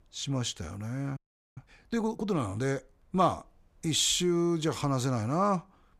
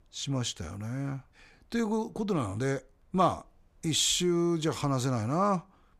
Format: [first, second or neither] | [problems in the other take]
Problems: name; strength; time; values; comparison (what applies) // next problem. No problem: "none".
second | audio freezing; at 1 s